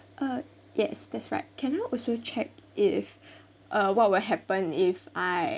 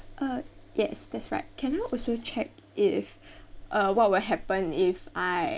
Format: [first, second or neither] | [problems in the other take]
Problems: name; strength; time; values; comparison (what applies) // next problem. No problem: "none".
first | background sound (Dog); 18 dB below the speech